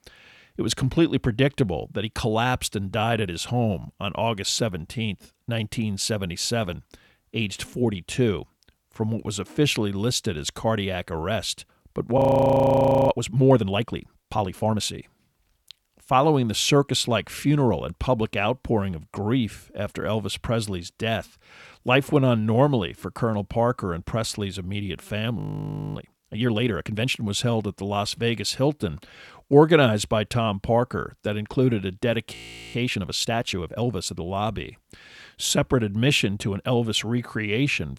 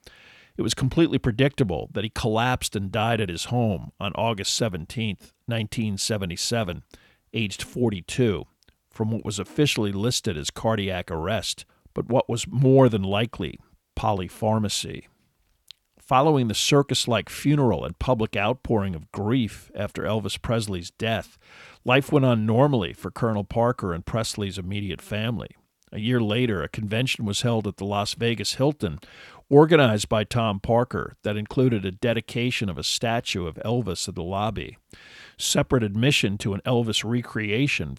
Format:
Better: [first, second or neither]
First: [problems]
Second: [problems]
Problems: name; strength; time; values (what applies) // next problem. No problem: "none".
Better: second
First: audio freezing; at 12 s for 1 s, at 25 s for 0.5 s and at 32 s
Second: none